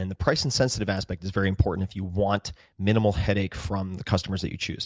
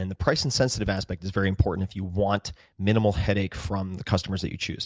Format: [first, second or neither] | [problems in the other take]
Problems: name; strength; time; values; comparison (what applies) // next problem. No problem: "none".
first | background sound (Bass drum); 19 dB below the speech